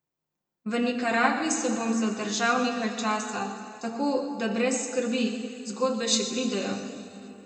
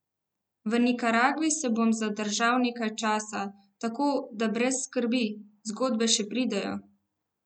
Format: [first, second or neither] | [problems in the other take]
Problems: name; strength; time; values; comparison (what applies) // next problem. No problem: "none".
second | room echo; dies away in 2.2 s